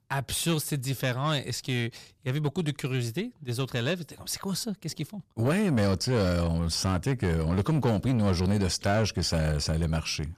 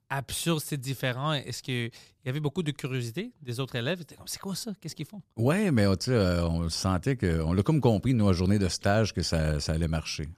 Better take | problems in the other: second | distortion; slight; 10 dB below the speech

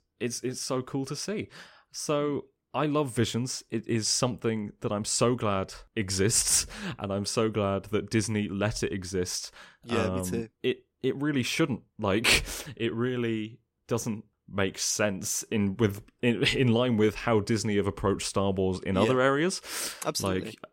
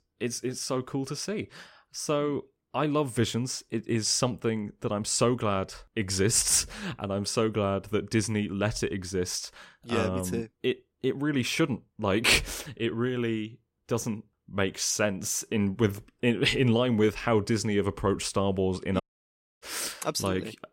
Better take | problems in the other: first | audio cutting out; at 19 s for 0.5 s

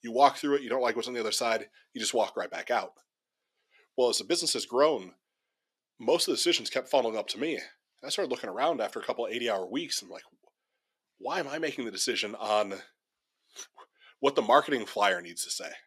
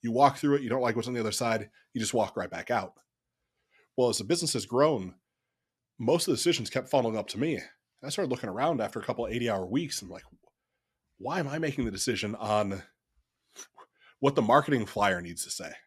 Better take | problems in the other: second | thin; very slightly; fading below 400 Hz

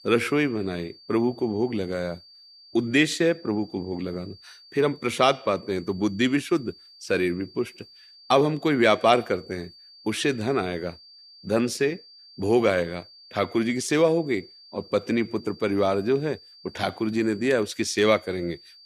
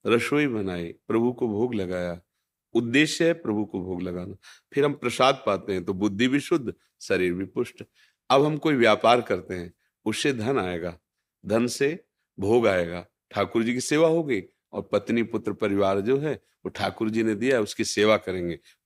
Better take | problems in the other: second | high-pitched whine; faint; throughout; 4.5 kHz, 25 dB below the speech

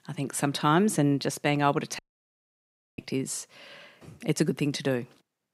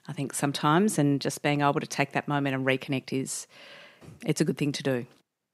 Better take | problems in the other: second | audio cutting out; at 2 s for 1 s

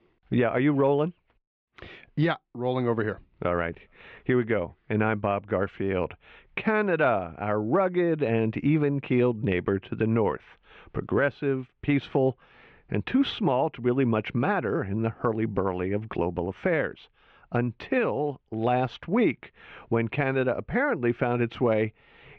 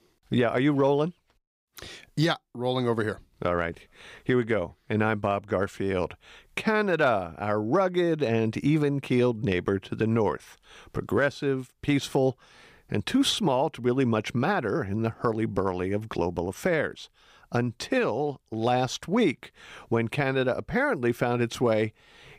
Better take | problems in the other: second | muffled; very; fading above 2.5 kHz

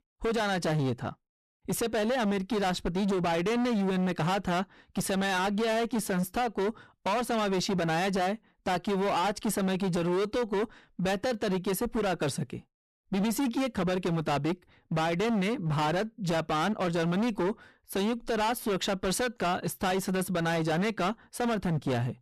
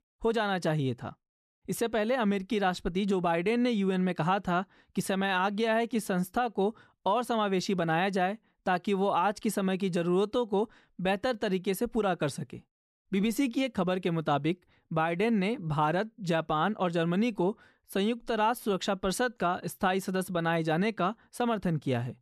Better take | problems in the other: second | distortion; heavy; 27% of the sound clipped

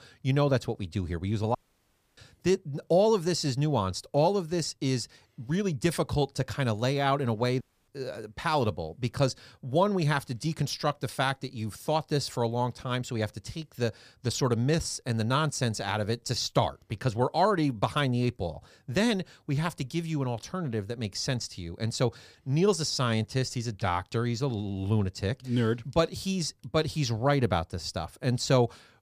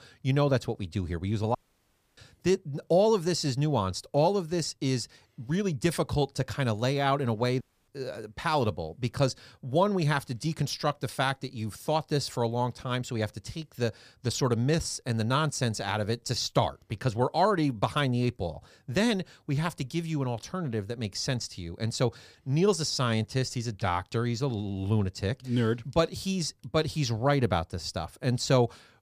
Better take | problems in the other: neither | audio cutting out; at 1.5 s for 0.5 s and at 7.5 s; the same in both

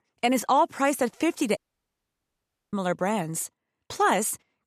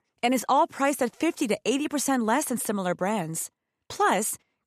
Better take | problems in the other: second | audio cutting out; at 1.5 s for 1 s

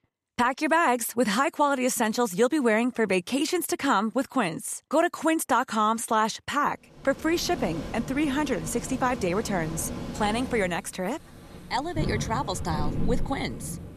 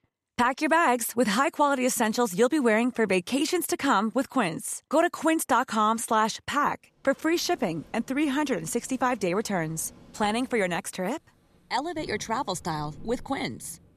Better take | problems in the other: second | rain or running water; loud; from 7 s on; 9 dB below the speech; faint in the second

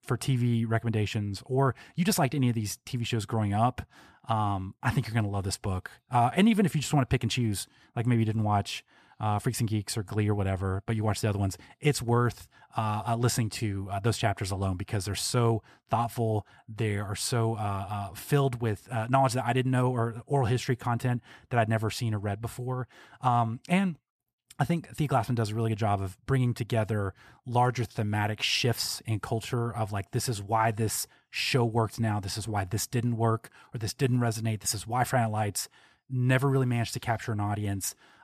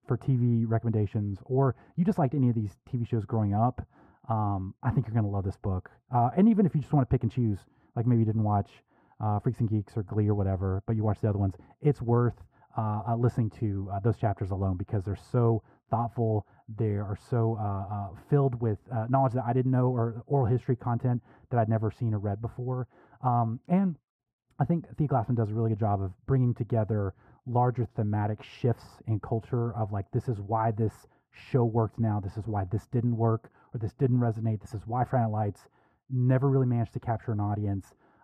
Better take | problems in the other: first | muffled; very; fading above 1.5 kHz

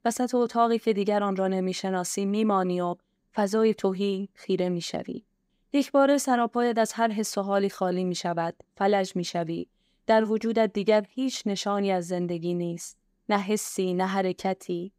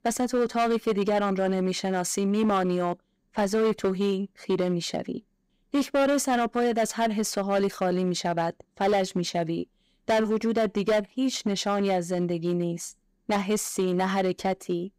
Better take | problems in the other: first | distortion; slight; 9% of the sound clipped

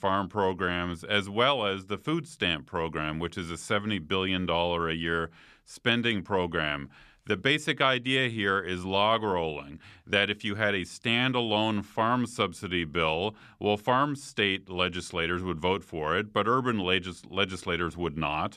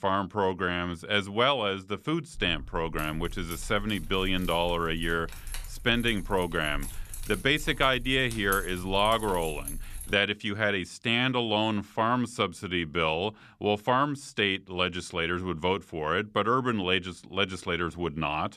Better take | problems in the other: first | jangling keys; noticeable; from 2.5 to 10 s; peak 8 dB below the speech

